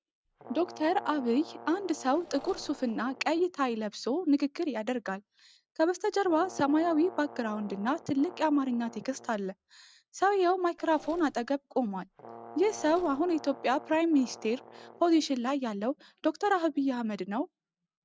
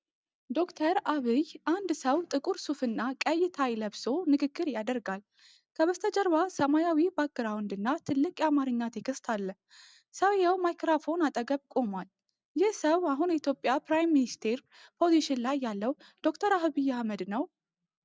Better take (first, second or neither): second